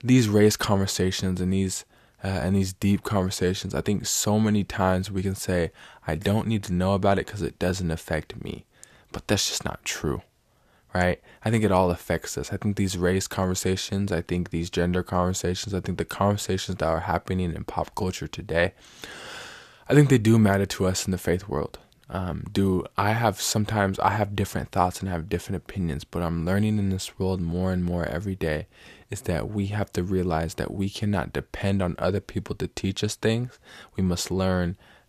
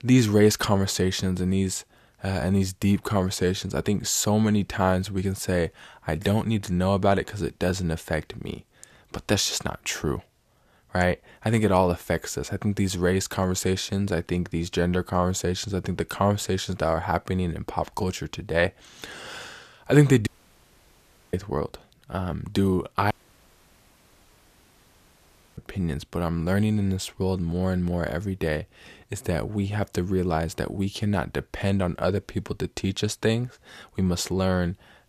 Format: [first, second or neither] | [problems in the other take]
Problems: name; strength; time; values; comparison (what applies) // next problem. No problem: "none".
first | audio cutting out; at 20 s for 1 s and at 23 s for 2.5 s